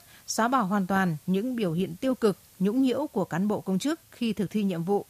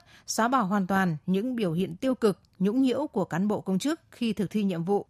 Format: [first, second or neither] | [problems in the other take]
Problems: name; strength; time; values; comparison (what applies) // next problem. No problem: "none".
second | hiss; faint; throughout; 25 dB below the speech